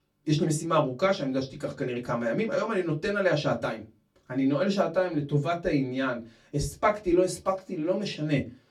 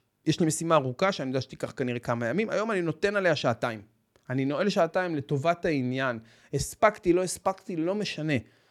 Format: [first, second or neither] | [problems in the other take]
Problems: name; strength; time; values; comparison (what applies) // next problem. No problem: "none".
second | off-mic speech; far // room echo; very slight; dies away in 0.2 s